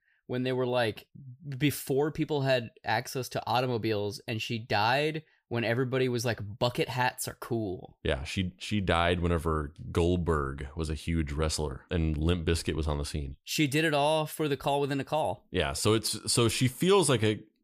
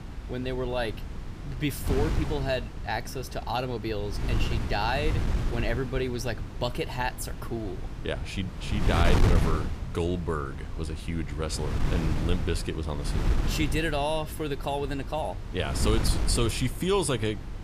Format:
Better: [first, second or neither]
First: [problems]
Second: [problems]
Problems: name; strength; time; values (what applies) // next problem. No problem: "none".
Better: first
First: none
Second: wind noise on the microphone; heavy; 8 dB below the speech